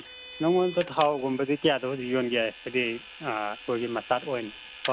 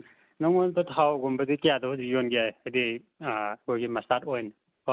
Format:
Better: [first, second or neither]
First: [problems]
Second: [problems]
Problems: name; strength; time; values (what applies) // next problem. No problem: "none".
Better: second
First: background sound (Vehicle); 15 dB below the speech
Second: none